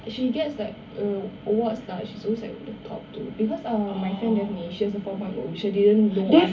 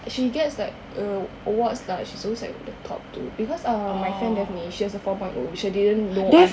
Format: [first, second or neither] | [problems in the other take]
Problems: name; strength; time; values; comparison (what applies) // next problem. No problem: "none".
second | room echo; dies away in 0.4 s